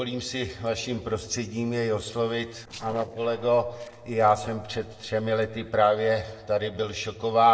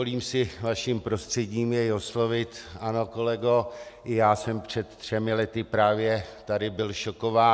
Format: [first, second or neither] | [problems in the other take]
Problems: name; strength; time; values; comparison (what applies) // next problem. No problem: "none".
second | noise reduction (neural separator model SepFormer DNS4)